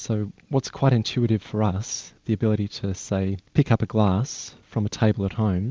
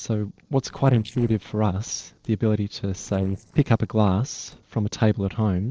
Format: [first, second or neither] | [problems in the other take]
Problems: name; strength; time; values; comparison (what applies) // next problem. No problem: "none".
first | noise reduction (neural separator model SepFormer DNS4)